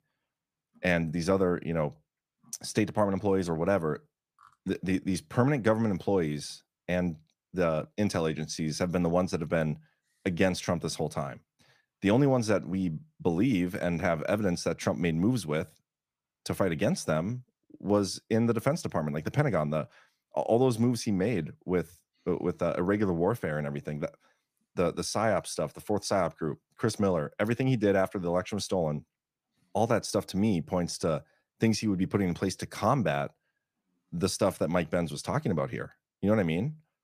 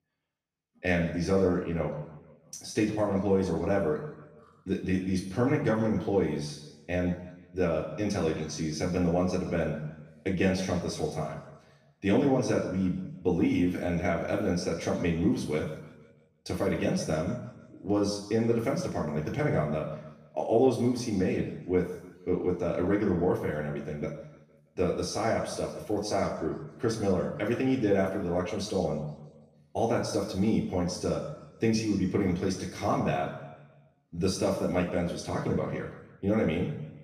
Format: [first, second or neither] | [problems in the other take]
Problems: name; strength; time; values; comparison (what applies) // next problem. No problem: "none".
first | room echo; noticeable; dies away in 0.9 s // off-mic speech; far